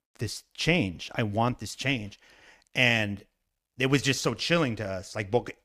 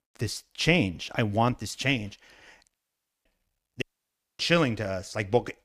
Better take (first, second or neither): first